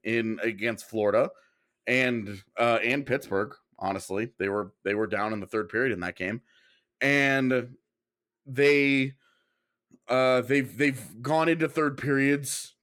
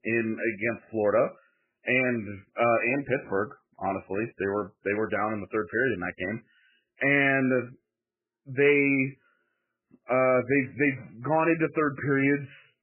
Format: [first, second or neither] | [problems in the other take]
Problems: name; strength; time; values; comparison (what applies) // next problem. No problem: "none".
first | garbled, watery; badly; nothing above 2.5 kHz